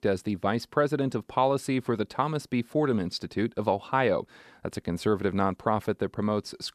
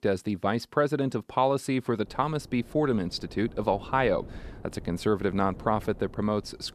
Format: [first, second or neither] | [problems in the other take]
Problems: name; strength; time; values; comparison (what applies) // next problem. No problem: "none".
first | wind noise on the microphone; occasional gusts; from 2 s on; 25 dB below the speech